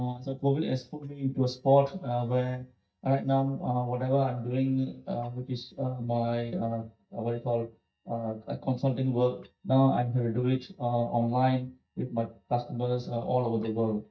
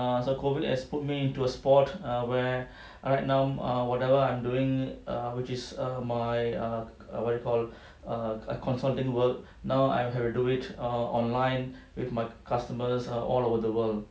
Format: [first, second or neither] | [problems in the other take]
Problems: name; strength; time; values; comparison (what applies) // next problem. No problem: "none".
second | noise reduction (neural mask model DeepFilterNet 3)